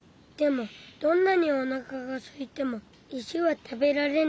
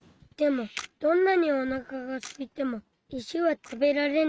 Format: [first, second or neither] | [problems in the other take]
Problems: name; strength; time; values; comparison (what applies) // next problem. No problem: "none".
first | noise reduction (neural mask model RNNoise)